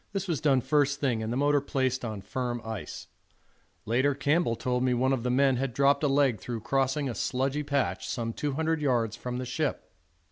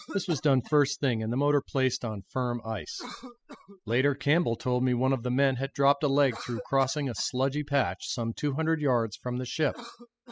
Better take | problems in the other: first | noise reduction (classical method spectral subtraction)

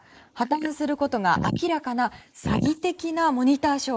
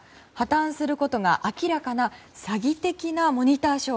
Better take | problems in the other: second | noise reduction (neural mask model Resemble Enhance denoiser)

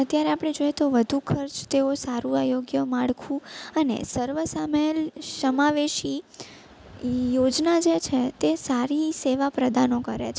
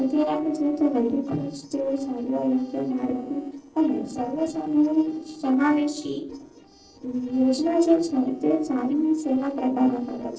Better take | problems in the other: first | noise reduction (neural separator model SepFormer DNS4)

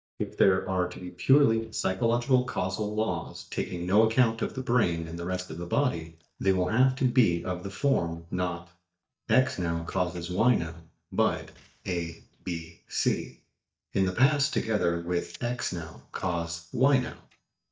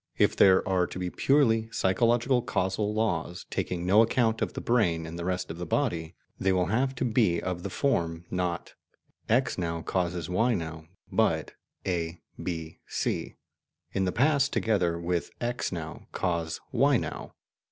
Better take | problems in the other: second | noise reduction (neural mask model DeepFilterNet 3)

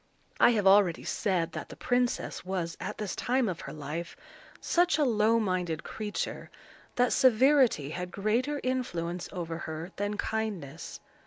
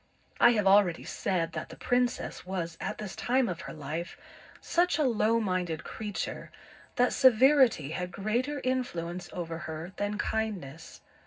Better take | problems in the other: first | room echo; dies away in 0.4 s

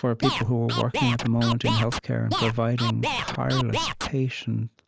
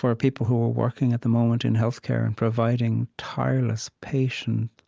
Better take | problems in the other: second | background sound (Scratching (performance technique)); 4 dB below the speech

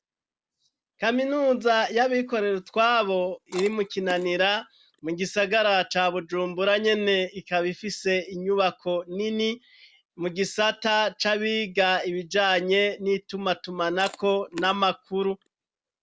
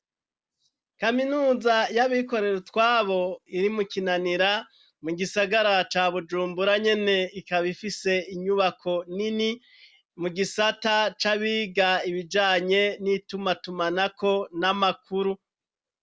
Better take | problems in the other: second | background sound (Chewing, mastication); 19 dB below the speech

